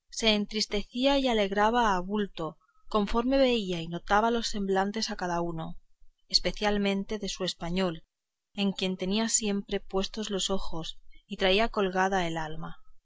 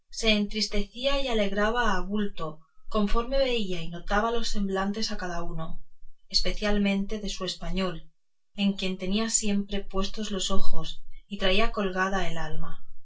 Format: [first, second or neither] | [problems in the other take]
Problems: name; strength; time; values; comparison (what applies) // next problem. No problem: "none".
first | room echo; dies away in 0.2 s